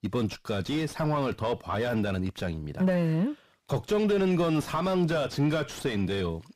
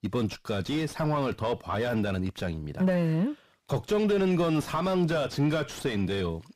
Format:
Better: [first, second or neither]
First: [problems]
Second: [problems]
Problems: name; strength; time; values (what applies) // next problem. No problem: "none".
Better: neither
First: distortion; heavy; 6 dB below the speech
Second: distortion; heavy; 6 dB below the speech